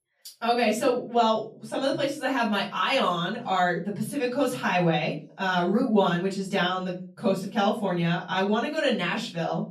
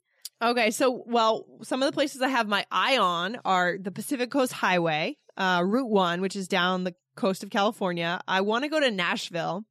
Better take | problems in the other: second | off-mic speech; far // room echo; slight; dies away in 0.4 s

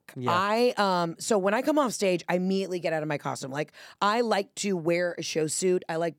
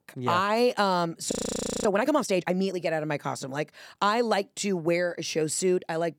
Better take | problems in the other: first | audio freezing; at 1.5 s for 0.5 s

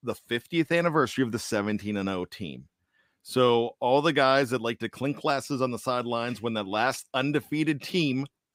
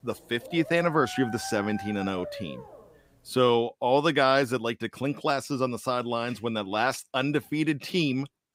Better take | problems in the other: first | dog barking; faint; until 3 s; peak 10 dB below the speech

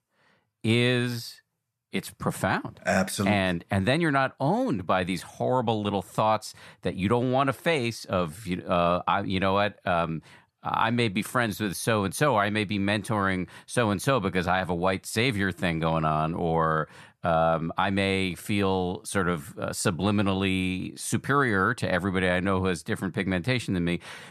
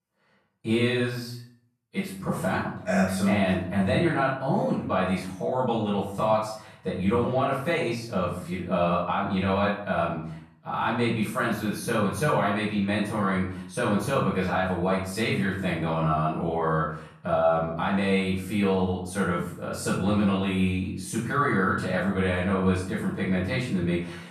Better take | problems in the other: first | room echo; noticeable; dies away in 0.5 s // off-mic speech; far

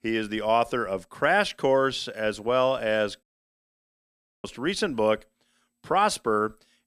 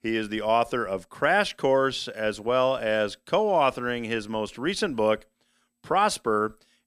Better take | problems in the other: second | audio cutting out; at 3 s for 1 s

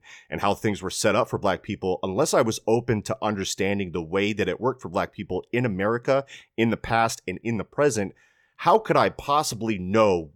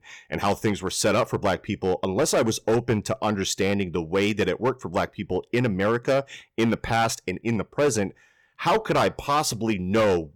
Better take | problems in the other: first | distortion; slight; 7% of the sound clipped

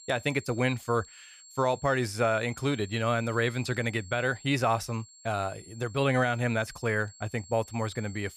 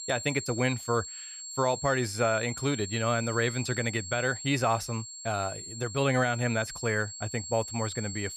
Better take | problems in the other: first | high-pitched whine; loud; throughout; 7.5 kHz, 9 dB below the speech; faint in the first

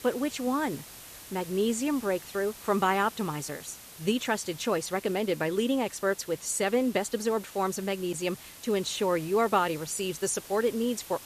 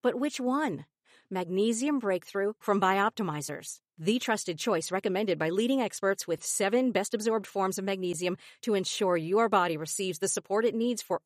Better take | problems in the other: second | hiss; noticeable; throughout; 15 dB below the speech

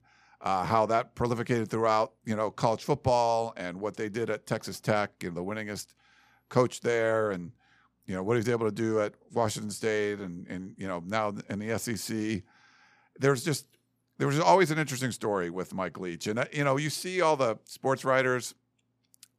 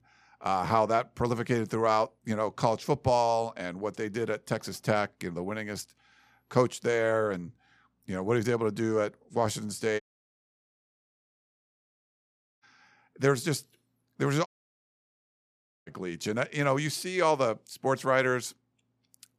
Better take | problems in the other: first | audio cutting out; at 10 s for 2.5 s and at 14 s for 1.5 s

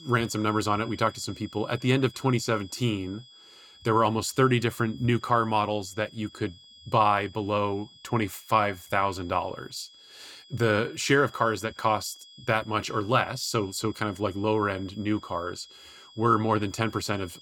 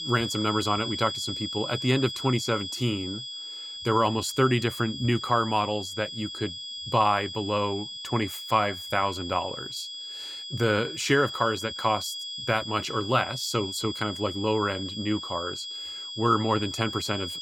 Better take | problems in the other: first | high-pitched whine; loud; throughout; 3.5 kHz, 7 dB below the speech; faint in the first

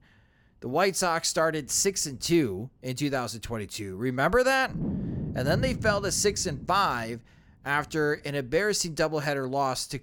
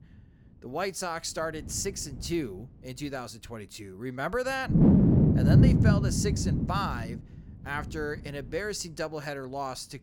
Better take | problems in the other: first | wind noise on the microphone; heavy; 3 dB above the speech; occasional gusts in the first

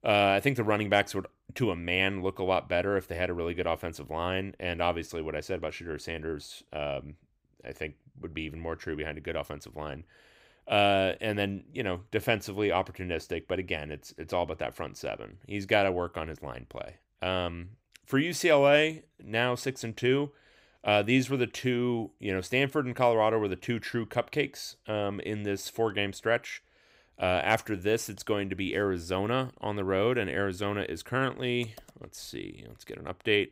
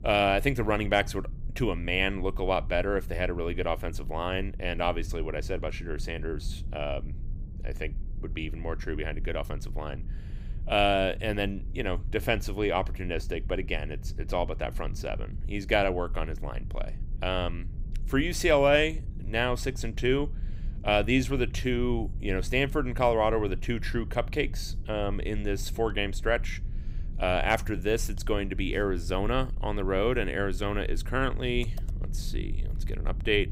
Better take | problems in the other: first | low rumble; faint; throughout; 25 dB below the speech

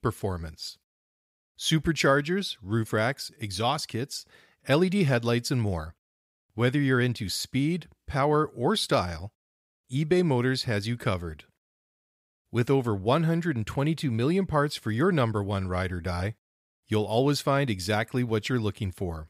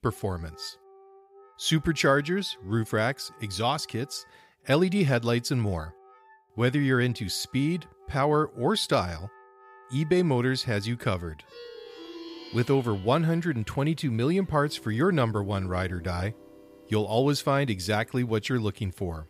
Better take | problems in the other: first | background music; faint; throughout; 25 dB below the speech

